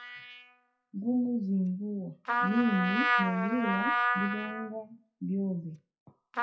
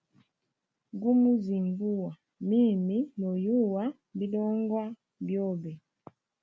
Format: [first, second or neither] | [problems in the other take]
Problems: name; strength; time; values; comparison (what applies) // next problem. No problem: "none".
second | noise reduction (classical method WPE with log-MMSE)